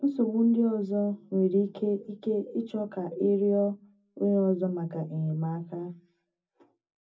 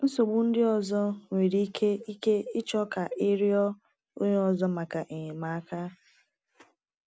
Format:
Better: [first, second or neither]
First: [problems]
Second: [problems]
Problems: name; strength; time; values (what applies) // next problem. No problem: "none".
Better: second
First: room echo; dies away in 0.4 s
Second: none